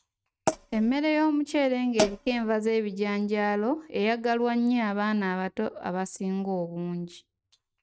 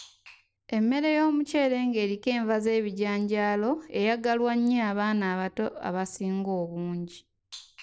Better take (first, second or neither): second